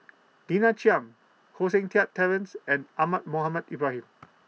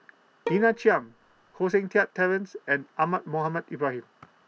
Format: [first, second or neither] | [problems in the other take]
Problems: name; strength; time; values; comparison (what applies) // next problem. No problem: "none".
first | background sound (Bowed string instrument); 11 dB below the speech